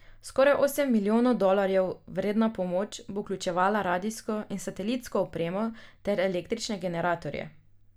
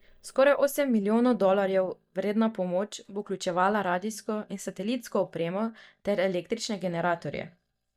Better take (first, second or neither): first